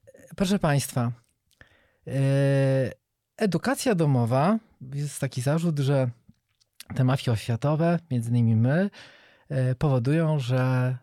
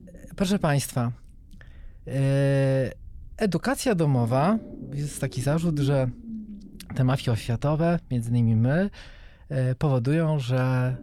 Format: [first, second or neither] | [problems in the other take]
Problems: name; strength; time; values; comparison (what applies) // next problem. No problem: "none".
first | low rumble; noticeable; throughout; 15 dB below the speech